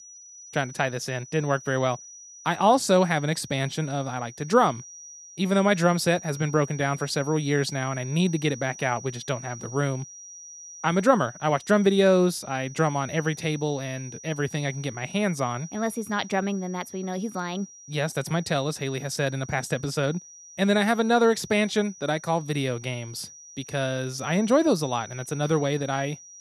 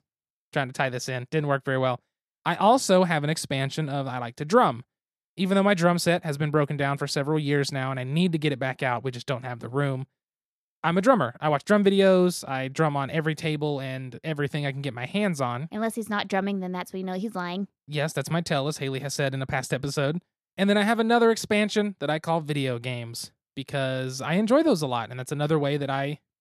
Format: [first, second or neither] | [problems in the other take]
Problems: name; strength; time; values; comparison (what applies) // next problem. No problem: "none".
second | high-pitched whine; noticeable; throughout; 6 kHz, 15 dB below the speech